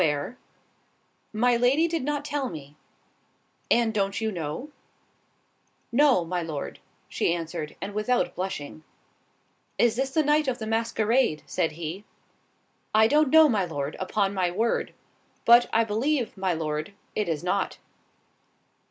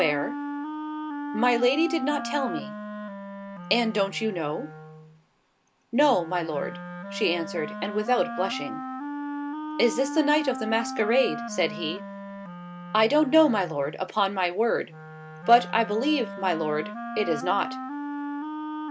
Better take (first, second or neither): first